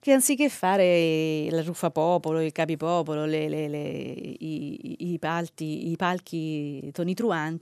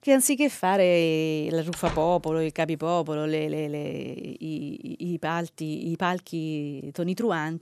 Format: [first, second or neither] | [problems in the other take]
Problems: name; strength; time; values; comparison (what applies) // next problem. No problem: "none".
first | door banging; noticeable; at 1.5 s; peak 8 dB below the speech